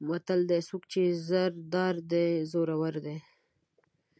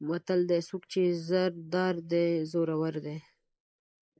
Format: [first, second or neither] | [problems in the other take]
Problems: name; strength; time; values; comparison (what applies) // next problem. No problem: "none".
first | noise reduction (neural mask model Resemble Enhance denoiser)